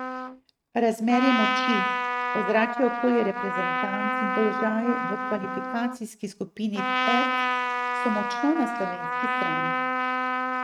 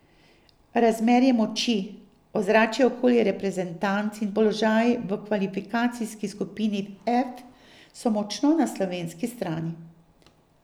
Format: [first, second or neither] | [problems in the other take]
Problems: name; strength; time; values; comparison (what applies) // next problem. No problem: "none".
second | noise reduction (neural mask model RNNoise)